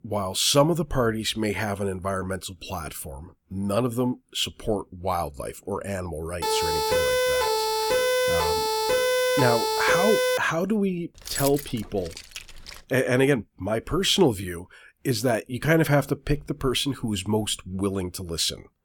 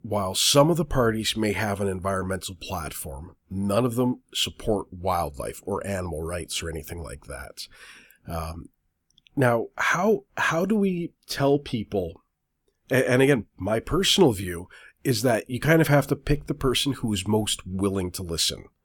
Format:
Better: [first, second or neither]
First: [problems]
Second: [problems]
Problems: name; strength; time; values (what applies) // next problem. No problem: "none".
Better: second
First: siren; loud; from 6.5 to 10 s; peak 4 dB above the speech // jangling keys; noticeable; from 11 to 13 s; peak 4 dB below the speech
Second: none